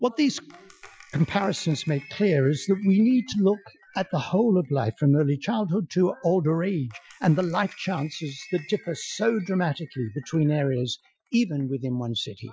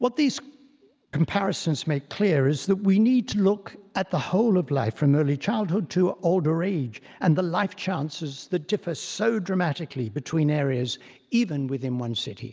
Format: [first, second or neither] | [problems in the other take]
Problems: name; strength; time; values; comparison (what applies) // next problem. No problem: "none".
second | noise reduction (classical method Wiener filter)